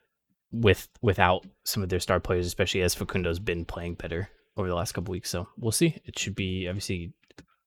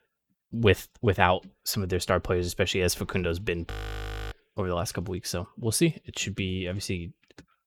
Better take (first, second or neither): first